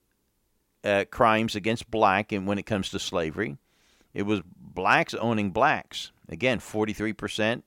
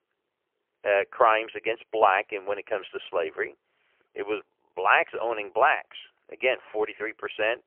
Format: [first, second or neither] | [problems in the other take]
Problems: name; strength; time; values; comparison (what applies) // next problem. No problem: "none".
first | phone-call audio; poor line; nothing above 3 kHz